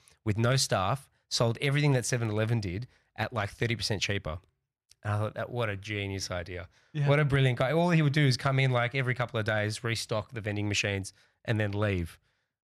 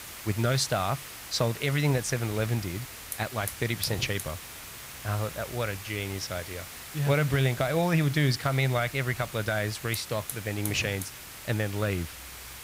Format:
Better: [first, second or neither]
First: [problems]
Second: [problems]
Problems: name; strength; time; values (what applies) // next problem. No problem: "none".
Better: first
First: none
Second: hiss; noticeable; throughout; 10 dB below the speech